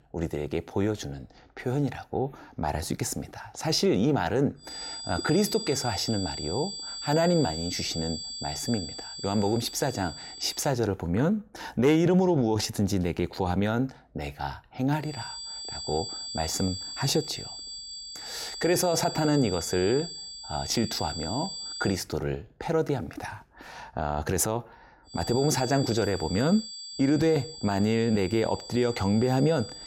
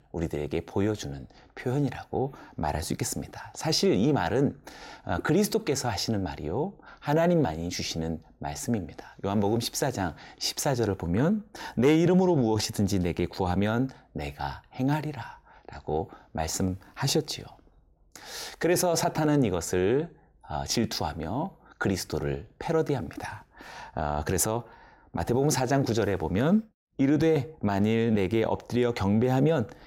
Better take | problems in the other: second | high-pitched whine; loud; from 4.5 to 11 s, from 15 to 22 s and from 25 s on; 4.5 kHz, 8 dB below the speech

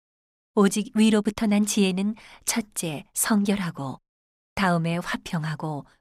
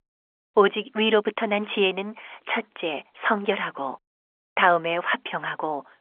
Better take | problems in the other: first | phone-call audio; nothing above 3.5 kHz

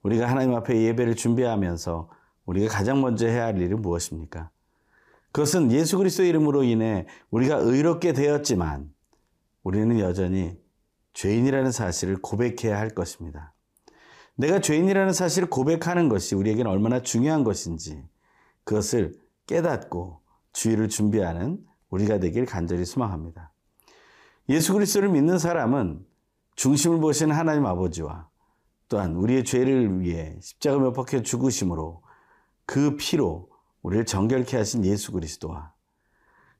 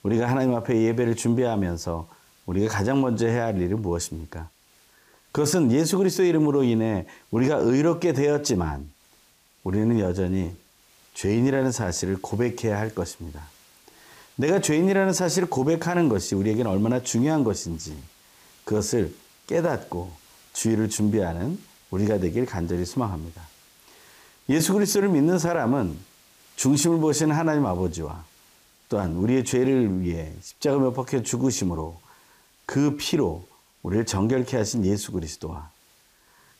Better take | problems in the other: first | hiss; faint; throughout; 30 dB below the speech

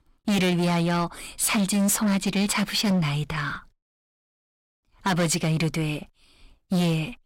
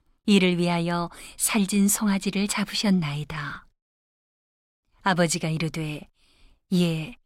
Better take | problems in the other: second | distortion; heavy; 16% of the sound clipped

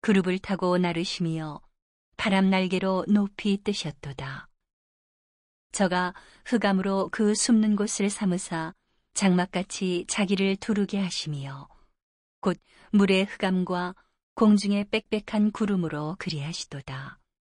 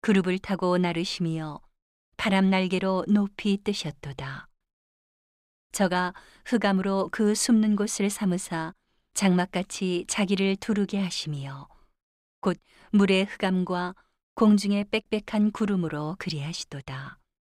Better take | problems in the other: second | garbled, watery; slightly; nothing above 10 kHz

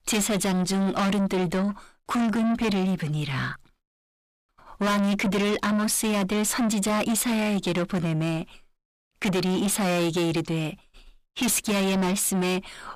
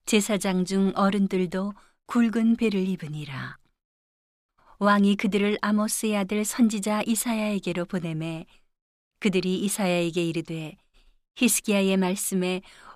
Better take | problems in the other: second | distortion; heavy; 6 dB below the speech

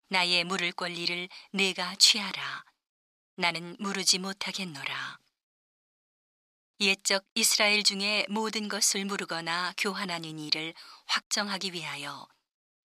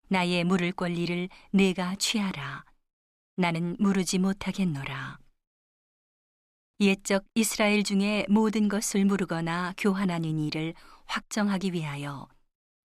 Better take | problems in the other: second | thin; somewhat; fading below 1 kHz

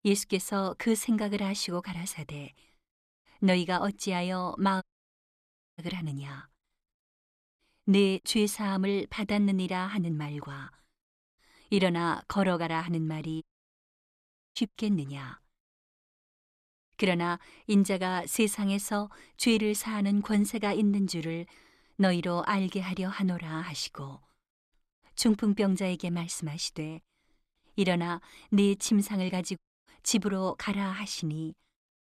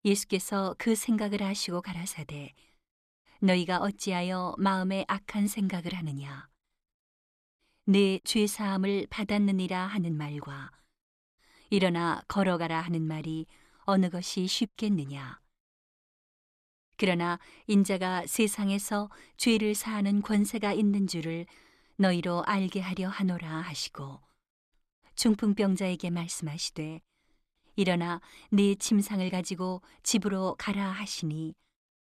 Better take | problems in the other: second | audio cutting out; at 5 s for 1 s, at 13 s for 1 s and at 30 s

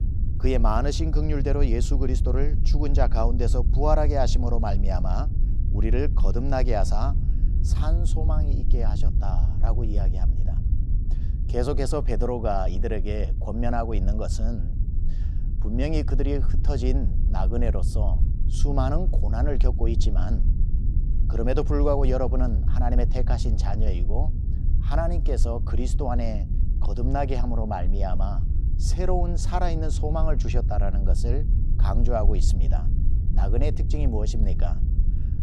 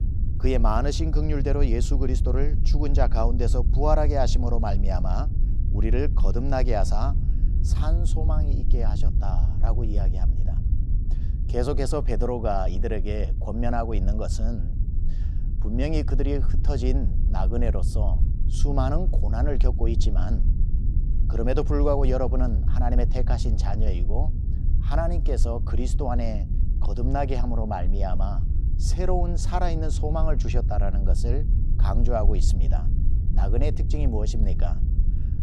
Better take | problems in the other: neither | low rumble; noticeable; throughout; 10 dB below the speech; the same in both

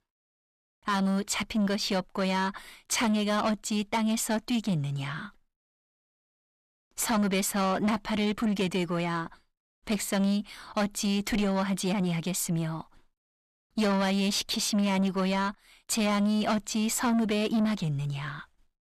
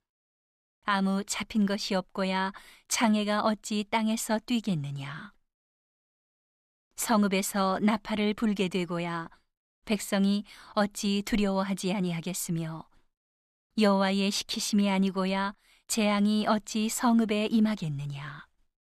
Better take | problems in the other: second | distortion; slight; 10 dB below the speech

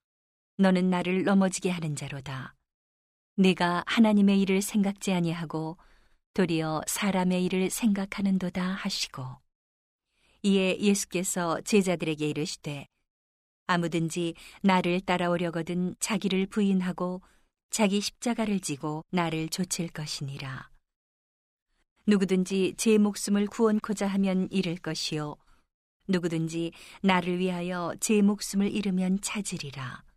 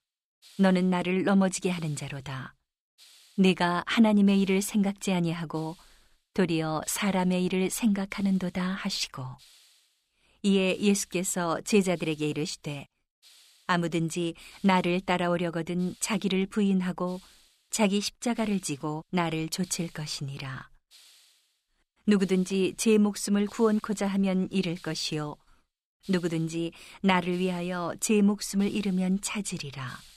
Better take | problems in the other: first | hiss; faint; throughout; 30 dB below the speech

